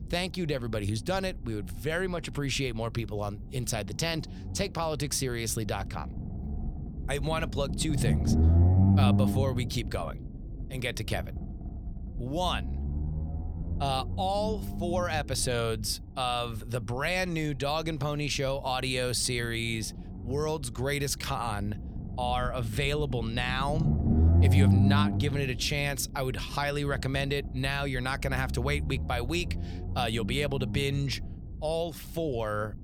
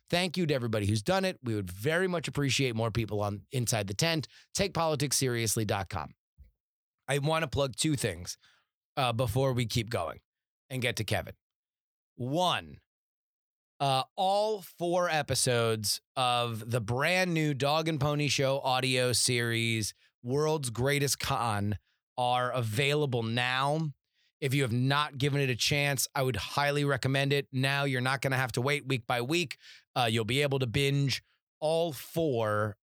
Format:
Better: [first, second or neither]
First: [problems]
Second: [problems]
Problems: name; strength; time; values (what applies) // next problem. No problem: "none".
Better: second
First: low rumble; loud; throughout; 10 dB below the speech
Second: none